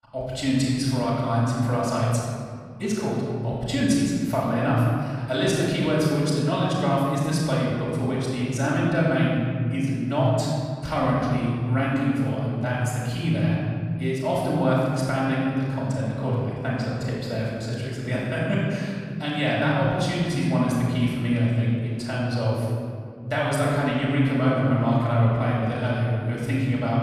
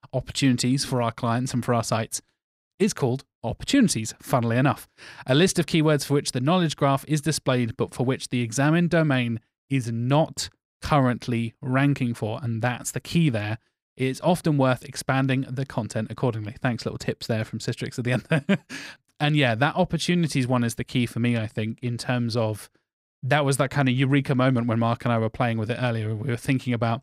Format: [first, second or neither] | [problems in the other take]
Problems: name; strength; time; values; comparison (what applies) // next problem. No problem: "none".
second | off-mic speech; far // room echo; strong; dies away in 2.4 s